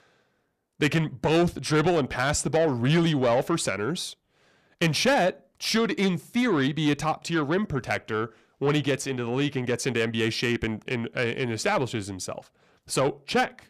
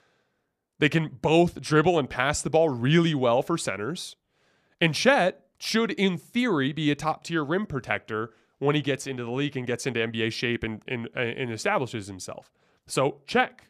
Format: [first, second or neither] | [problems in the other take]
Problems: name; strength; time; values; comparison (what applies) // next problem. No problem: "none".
second | distortion; slight; 10 dB below the speech